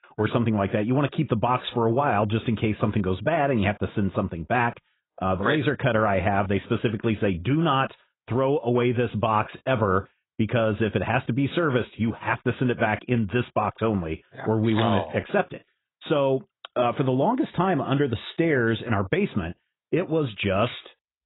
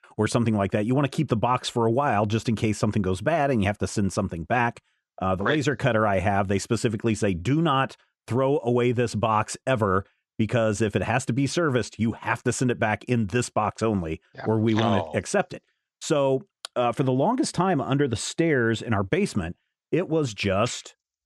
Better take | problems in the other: second | garbled, watery; badly; nothing above 4 kHz

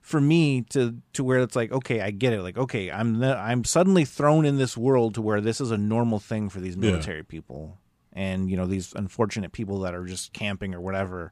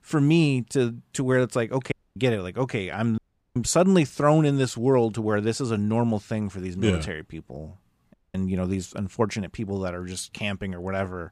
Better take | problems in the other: first | audio cutting out; at 2 s, at 3 s and at 8 s

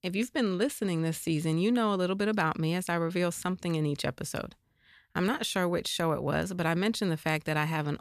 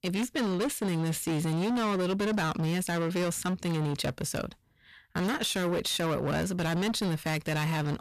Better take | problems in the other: first | distortion; heavy; 26% of the sound clipped

